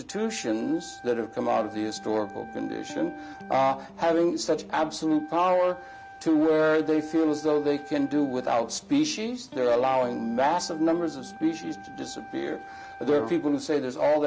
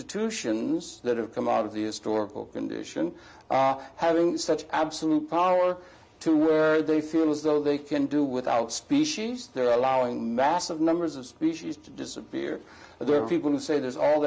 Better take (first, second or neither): second